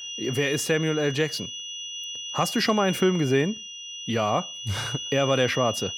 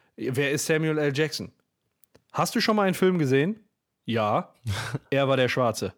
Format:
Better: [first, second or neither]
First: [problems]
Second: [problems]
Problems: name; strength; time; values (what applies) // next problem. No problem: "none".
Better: second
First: high-pitched whine; loud; throughout; 3 kHz, 8 dB below the speech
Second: none